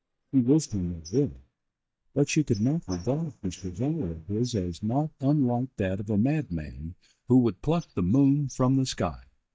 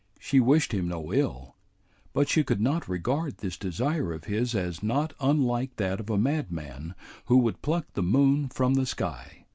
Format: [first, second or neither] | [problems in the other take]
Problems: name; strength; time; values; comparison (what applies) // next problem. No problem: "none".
second | noise reduction (neural mask model DeepFilterNet 3)